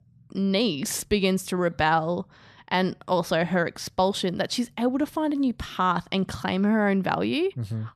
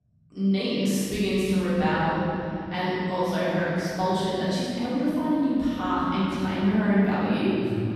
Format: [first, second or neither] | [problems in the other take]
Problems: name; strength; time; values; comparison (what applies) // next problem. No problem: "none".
first | room echo; strong; dies away in 3 s // off-mic speech; far